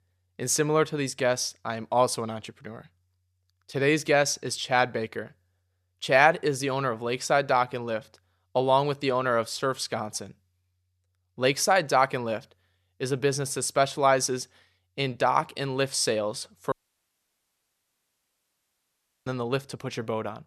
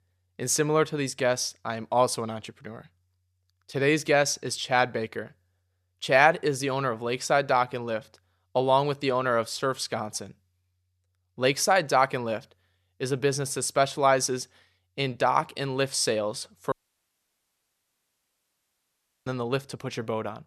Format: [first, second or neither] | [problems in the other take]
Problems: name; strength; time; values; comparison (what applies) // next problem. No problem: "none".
neither | audio cutting out; at 17 s for 2.5 s; the same in both